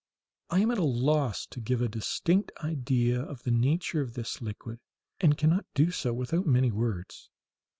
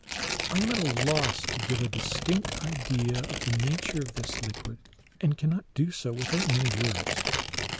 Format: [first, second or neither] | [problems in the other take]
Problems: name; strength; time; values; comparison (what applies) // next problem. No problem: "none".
first | background sound (Tearing); 3 dB below the speech